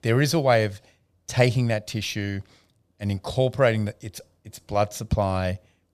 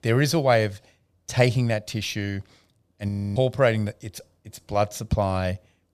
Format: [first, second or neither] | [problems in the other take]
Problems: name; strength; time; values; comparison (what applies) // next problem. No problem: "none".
first | audio freezing; at 3 s